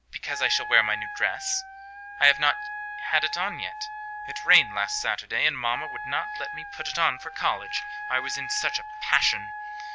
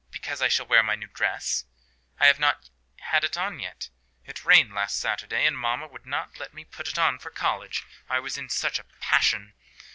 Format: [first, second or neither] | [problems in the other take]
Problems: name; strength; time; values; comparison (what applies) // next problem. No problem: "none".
second | background sound (Wind instrument, woodwind instrument); 9 dB below the speech